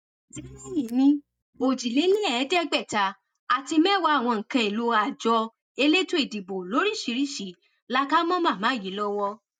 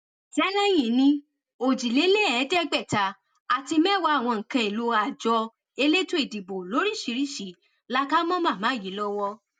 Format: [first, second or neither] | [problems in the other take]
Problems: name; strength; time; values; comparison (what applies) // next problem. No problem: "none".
second | noise reduction (neural mask model DeepFilterNet 3)